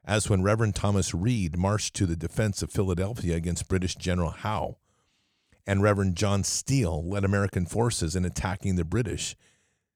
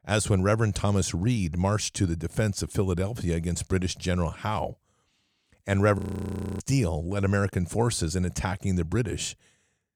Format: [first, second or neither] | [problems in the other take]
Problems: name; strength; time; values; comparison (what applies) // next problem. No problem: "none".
first | audio freezing; at 6 s for 0.5 s